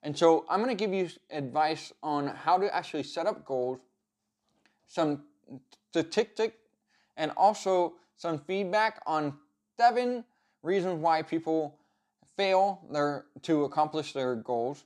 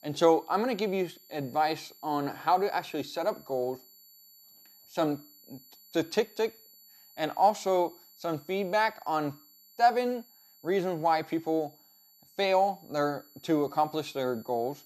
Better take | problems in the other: first | high-pitched whine; faint; throughout; 4.5 kHz, 25 dB below the speech

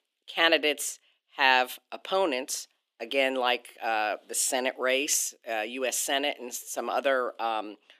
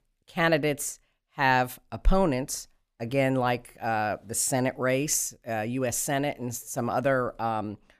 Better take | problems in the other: second | thin; somewhat; fading below 300 Hz

